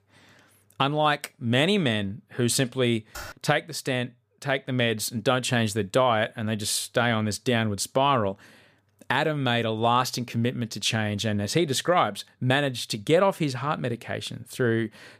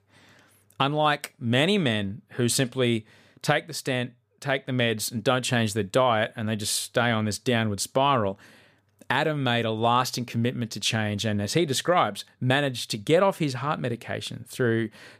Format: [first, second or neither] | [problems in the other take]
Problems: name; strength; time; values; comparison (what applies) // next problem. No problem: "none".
second | keyboard typing; faint; at 3 s; peak 15 dB below the speech